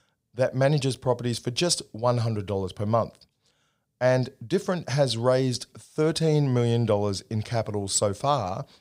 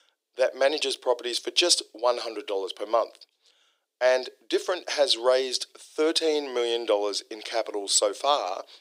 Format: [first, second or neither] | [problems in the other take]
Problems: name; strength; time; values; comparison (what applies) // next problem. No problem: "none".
first | thin; very; fading below 300 Hz